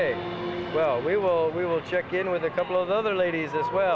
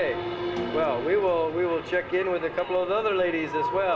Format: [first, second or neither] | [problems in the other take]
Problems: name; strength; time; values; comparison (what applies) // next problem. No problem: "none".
first | background sound (Snare drum); 18 dB below the speech // room echo; dies away in 2.7 s